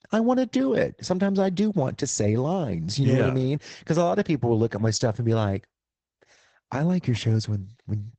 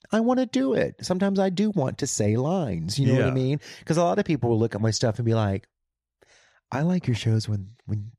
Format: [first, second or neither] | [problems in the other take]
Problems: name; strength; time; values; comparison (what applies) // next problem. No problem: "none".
second | garbled, watery; badly; nothing above 7.5 kHz